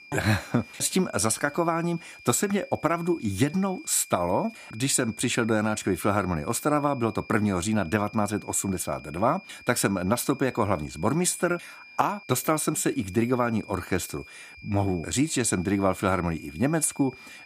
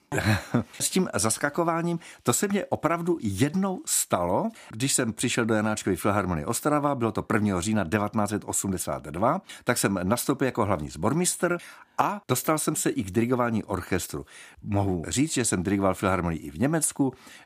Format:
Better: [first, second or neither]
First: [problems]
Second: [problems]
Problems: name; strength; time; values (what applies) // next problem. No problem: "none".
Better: second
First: high-pitched whine; noticeable; throughout; 2.5 kHz, 20 dB below the speech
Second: none